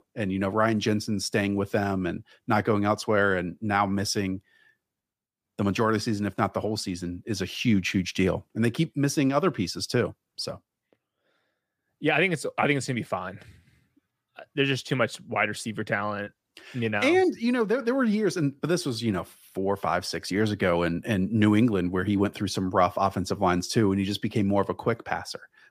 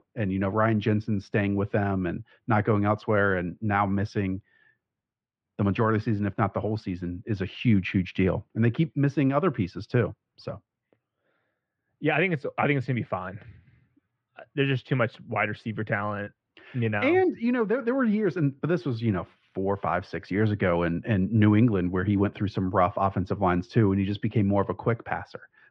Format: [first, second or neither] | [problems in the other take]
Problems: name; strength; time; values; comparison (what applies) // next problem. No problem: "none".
first | muffled; very; fading above 2.5 kHz